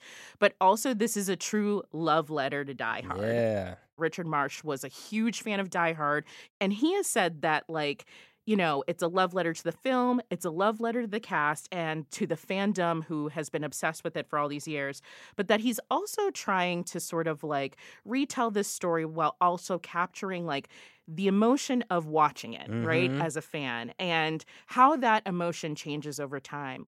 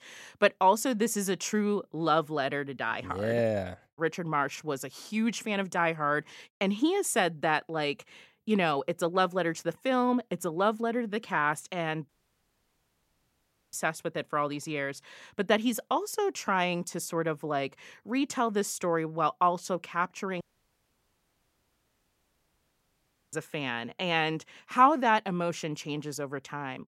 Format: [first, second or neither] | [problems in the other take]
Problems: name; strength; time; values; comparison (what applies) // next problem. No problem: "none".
first | audio cutting out; at 12 s for 1.5 s and at 20 s for 3 s